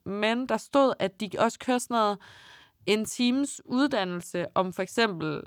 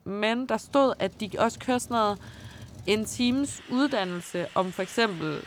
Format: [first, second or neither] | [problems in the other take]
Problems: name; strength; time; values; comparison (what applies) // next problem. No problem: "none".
first | traffic noise; noticeable; throughout; 20 dB below the speech